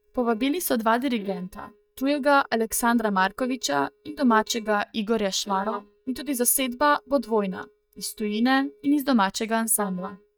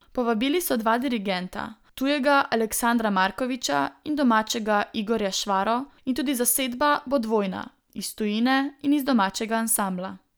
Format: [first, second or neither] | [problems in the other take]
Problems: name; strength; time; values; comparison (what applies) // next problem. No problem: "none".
second | noise reduction (neural mask model DeepFilterNet 3)